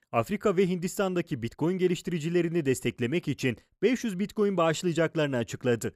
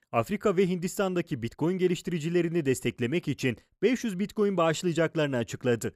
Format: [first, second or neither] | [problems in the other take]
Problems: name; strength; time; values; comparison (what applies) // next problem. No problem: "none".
neither | none